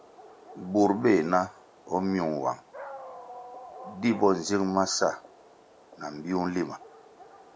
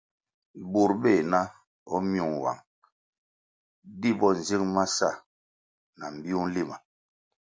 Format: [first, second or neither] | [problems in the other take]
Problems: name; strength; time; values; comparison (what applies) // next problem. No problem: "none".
second | background sound (Dog); 18 dB below the speech